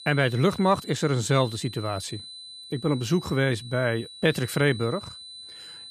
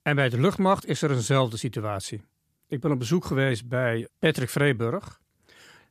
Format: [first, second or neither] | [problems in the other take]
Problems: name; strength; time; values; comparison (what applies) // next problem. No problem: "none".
second | high-pitched whine; noticeable; throughout; 4 kHz, 15 dB below the speech